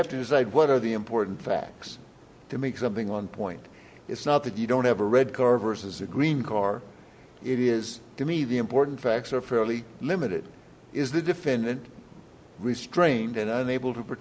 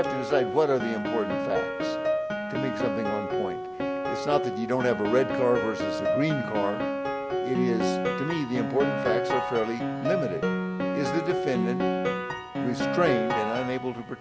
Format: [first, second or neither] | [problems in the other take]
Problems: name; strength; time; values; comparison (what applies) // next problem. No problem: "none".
first | background sound (Piano); as loud as the speech